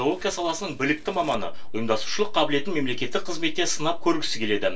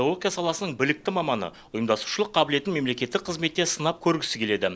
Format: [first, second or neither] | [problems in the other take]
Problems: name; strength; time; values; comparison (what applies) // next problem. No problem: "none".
second | noise reduction (neural separator model SepFormer DNS4)